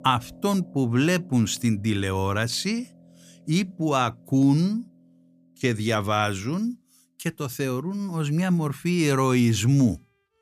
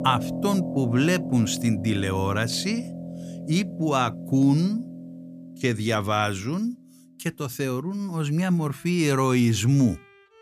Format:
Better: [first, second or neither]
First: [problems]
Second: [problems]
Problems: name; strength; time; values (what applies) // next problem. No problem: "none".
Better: first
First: background music; faint; throughout; 25 dB below the speech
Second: background music; loud; throughout; 10 dB below the speech